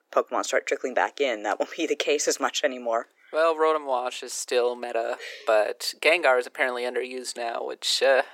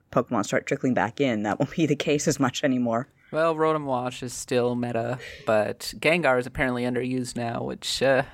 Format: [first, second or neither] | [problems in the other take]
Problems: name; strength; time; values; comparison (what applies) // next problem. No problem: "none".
second | thin; very; fading below 350 Hz